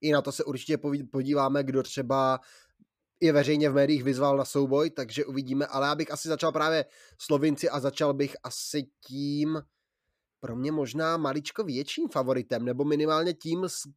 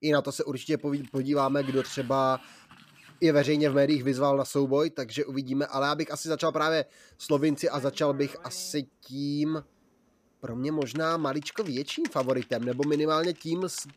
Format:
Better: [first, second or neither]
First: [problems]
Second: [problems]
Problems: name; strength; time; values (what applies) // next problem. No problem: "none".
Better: first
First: none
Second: household noises; noticeable; throughout; 20 dB below the speech